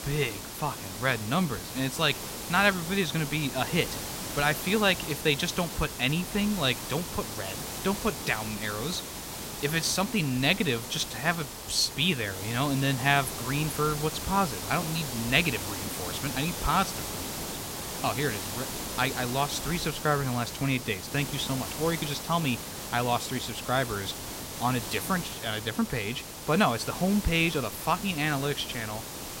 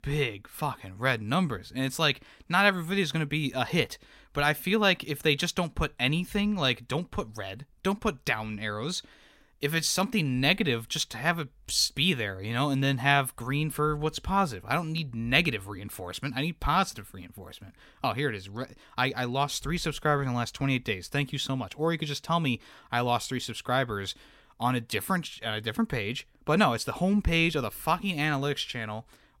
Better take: second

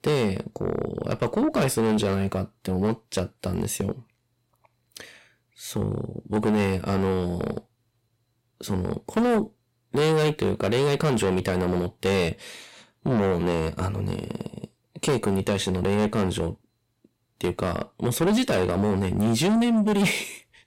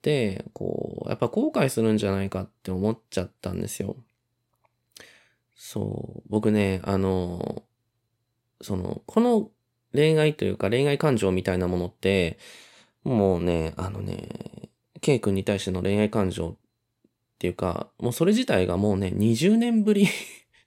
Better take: second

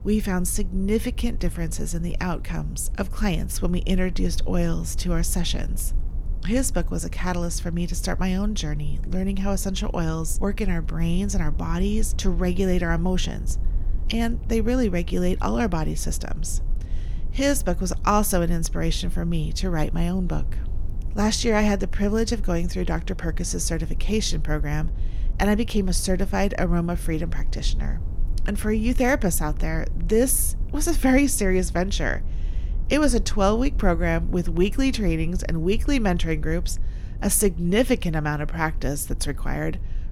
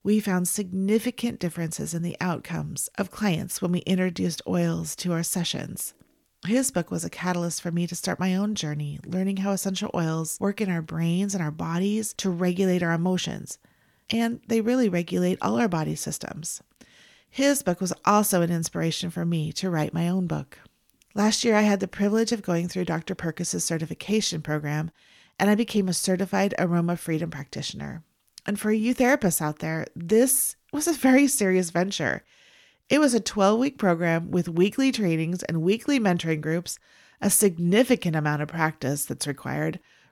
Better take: second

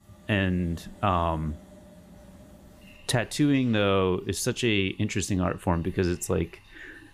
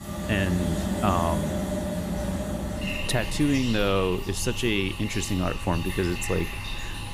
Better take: first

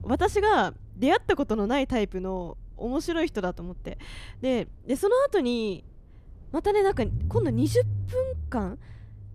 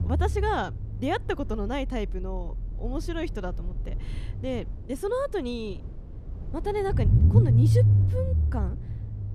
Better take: first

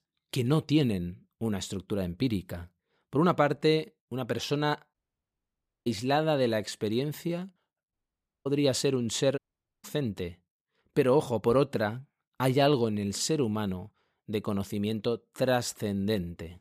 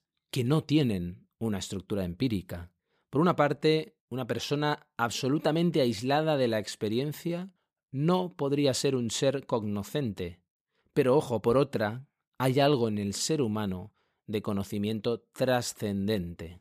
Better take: second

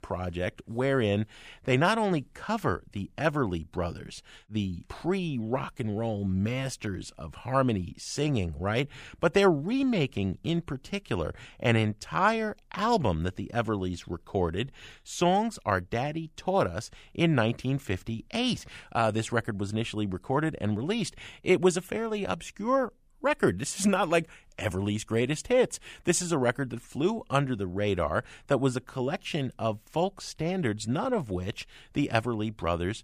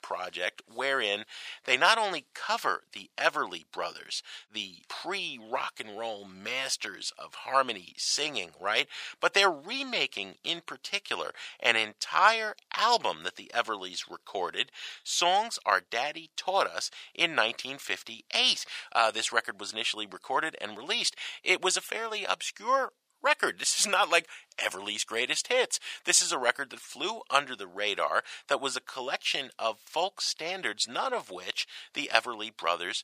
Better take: first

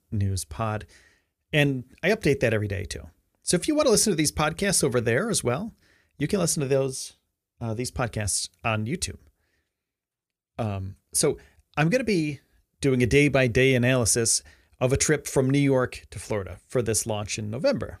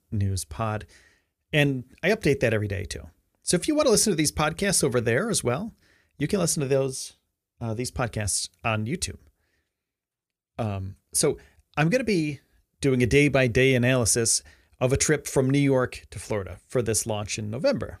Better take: neither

